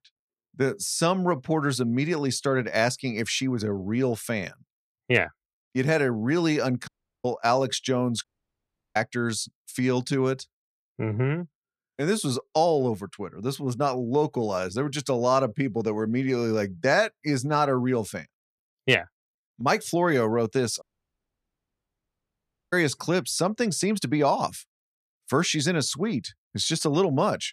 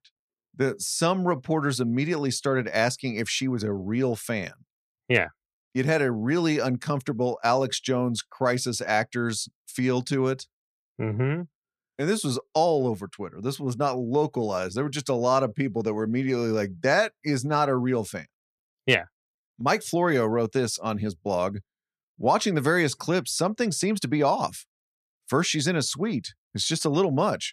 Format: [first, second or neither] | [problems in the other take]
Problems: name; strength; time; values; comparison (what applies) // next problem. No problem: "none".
second | audio cutting out; at 7 s, at 8 s for 0.5 s and at 21 s for 2 s